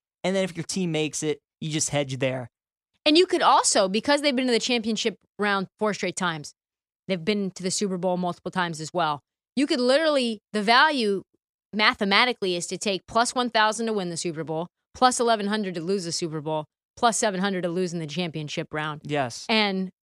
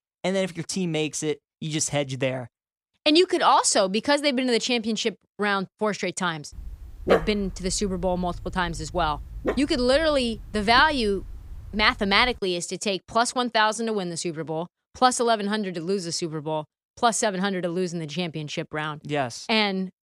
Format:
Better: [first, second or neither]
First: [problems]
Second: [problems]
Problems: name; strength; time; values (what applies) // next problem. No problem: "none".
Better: first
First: none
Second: dog barking; loud; from 6.5 to 12 s; peak 1 dB above the speech